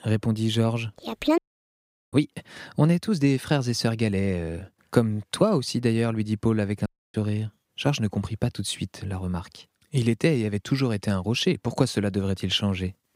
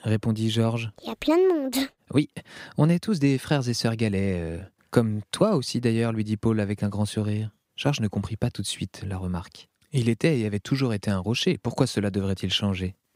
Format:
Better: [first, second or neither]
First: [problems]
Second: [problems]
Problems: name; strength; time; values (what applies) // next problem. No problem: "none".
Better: second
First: audio cutting out; at 1.5 s for 0.5 s and at 7 s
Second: none